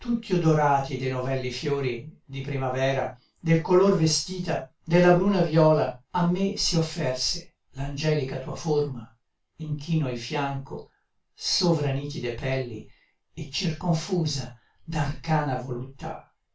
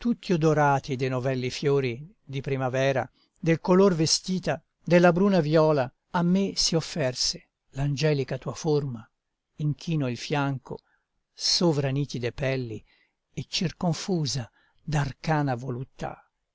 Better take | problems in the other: second | room echo; dies away in 0.2 s

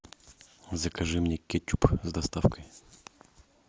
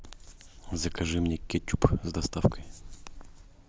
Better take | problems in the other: first | background sound (Wind); 12 dB below the speech

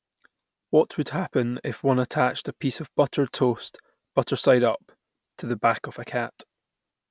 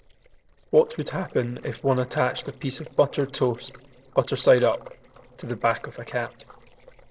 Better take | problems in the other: first | noise reduction (neural separator model SepFormer DNS4)

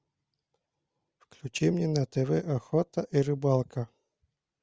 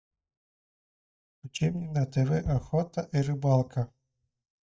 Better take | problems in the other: first | noise reduction (neural mask model DeepFilterNet 3)

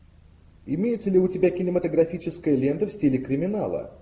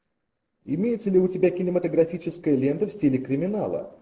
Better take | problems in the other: first | noise reduction (neural separator model SepFormer DNS4)

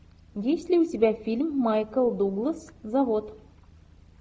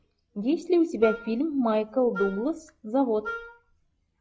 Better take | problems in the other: first | noise reduction (classical method log-MMSE)

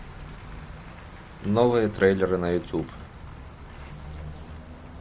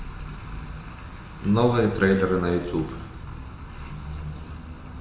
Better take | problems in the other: first | room echo; dies away in 0.9 s

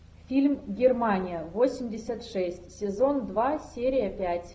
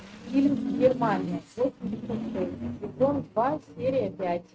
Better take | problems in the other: first | noise reduction (neural mask model RNNoise)

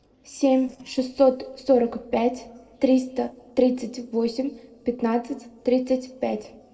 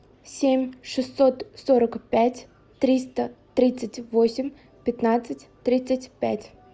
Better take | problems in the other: second | noise reduction (neural separator model SepFormer DNS4)

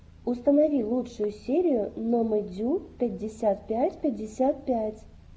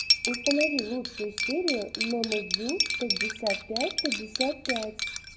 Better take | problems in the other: first | background sound (Cutlery, silverware); 1 dB above the speech

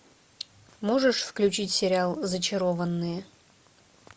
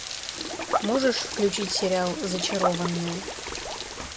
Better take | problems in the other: first | background sound (Liquid + Rain); 3 dB below the speech

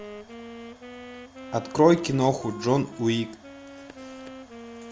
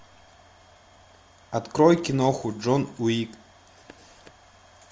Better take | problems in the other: second | background sound (Wind instrument, woodwind instrument); 15 dB below the speech

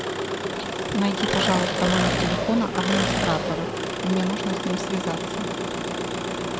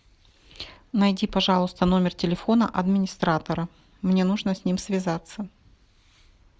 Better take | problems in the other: second | background sound (Engine); 1 dB above the speech

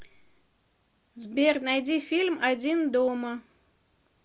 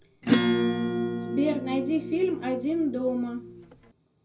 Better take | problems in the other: first | background sound (Acoustic guitar / Strum); 1 dB above the speech // room echo; dies away in 0.4 s

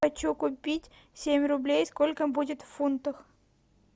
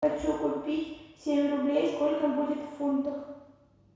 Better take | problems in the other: first | room echo; dies away in 1.1 s

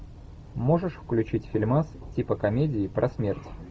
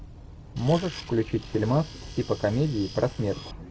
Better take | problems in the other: first | background sound (Tools); 18 dB below the speech

